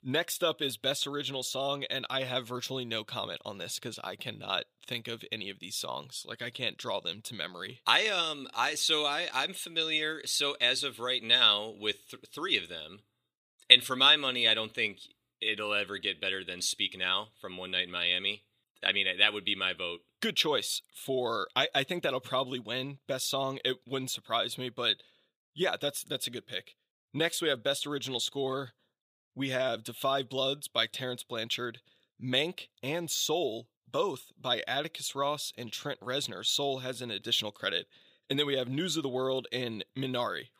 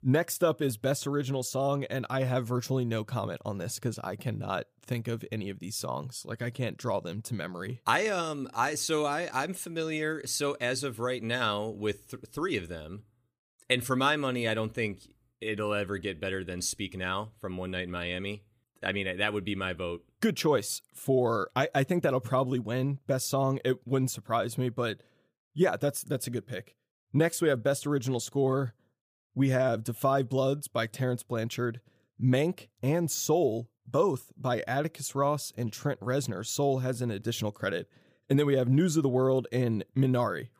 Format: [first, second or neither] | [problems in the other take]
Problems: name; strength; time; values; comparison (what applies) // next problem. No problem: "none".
second | thin; very slightly; fading below 850 Hz